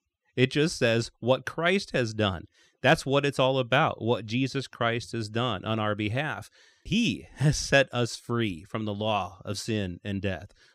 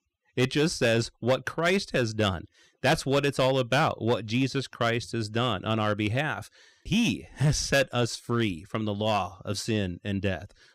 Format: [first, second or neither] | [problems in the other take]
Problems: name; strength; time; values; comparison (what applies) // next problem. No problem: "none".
first | distortion; slight; 5% of the sound clipped